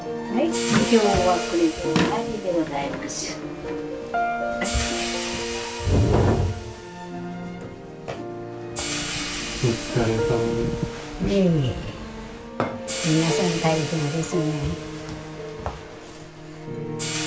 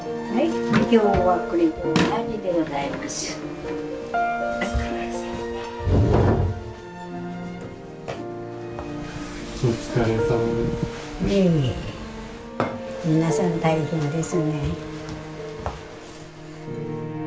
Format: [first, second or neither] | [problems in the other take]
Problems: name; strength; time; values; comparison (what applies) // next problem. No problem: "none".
second | background sound (Hi-hat); 11 dB below the speech